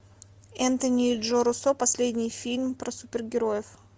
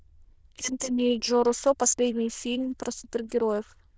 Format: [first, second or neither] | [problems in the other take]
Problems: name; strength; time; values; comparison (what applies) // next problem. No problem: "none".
first | noise reduction (neural diffusion model UNIVERSE++)